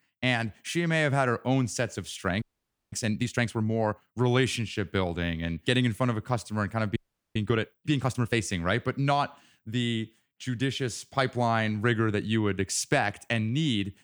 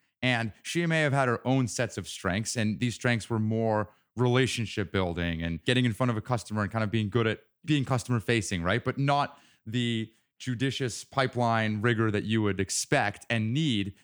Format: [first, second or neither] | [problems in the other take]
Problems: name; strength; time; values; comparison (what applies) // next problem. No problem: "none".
second | audio freezing; at 2.5 s for 0.5 s and at 7 s